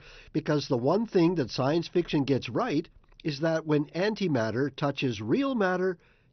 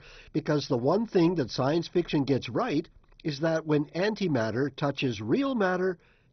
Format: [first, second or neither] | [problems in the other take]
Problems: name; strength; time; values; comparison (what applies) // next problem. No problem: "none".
first | garbled, watery; badly; nothing above 6 kHz; slightly in the first